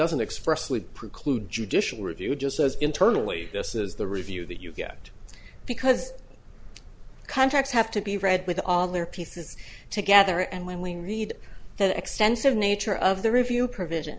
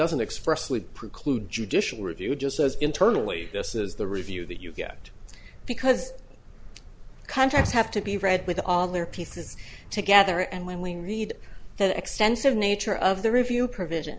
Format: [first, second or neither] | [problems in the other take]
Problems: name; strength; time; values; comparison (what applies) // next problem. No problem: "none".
first | background sound (Car); 17 dB below the speech